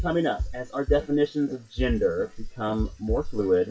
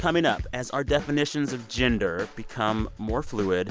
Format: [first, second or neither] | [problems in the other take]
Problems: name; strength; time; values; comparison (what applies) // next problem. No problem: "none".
second | noise reduction (classical method WPE with log-MMSE)